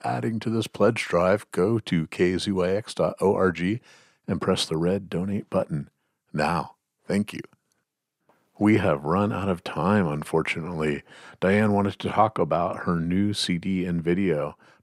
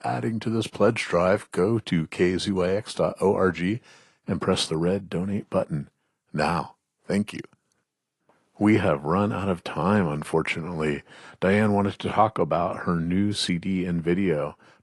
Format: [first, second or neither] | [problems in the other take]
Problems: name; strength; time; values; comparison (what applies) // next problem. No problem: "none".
first | garbled, watery; slightly